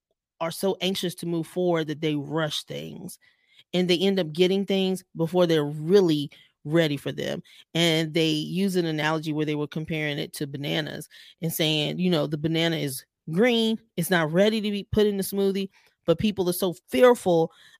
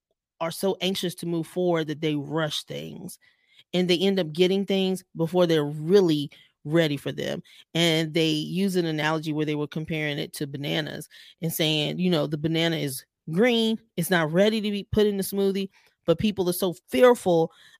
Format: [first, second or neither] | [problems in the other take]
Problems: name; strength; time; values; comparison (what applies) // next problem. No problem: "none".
neither | none